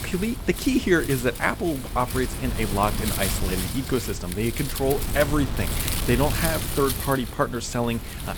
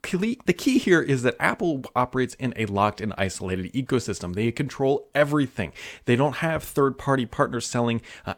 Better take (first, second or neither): second